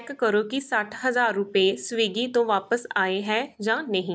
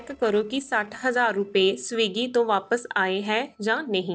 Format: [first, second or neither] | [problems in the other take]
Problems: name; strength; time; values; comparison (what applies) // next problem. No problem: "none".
first | noise reduction (neural separator model SepFormer DNS4)